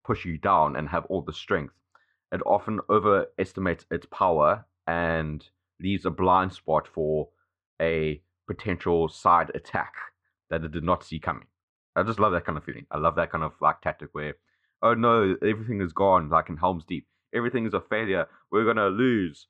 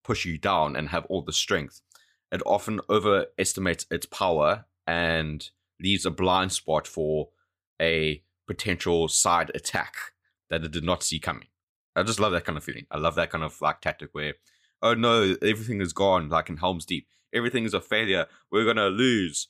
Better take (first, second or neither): second